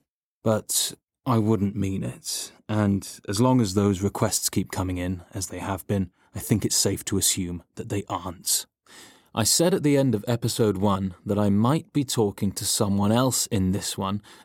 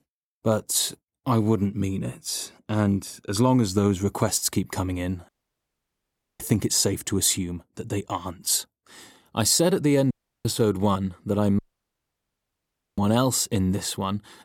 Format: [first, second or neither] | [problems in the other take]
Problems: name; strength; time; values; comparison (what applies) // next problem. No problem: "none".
first | audio cutting out; at 5.5 s for 1 s, at 10 s and at 12 s for 1.5 s